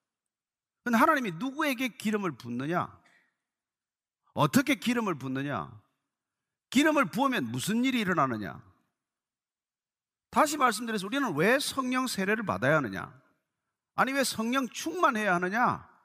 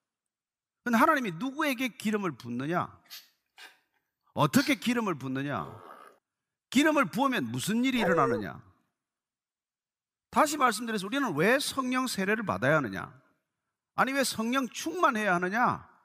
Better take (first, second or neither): first